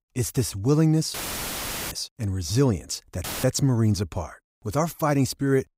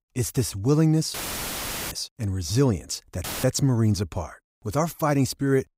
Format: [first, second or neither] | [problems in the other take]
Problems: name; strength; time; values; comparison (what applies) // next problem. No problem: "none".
neither | audio cutting out; filled with static; at 1 s for 1 s and at 3 s; the same in both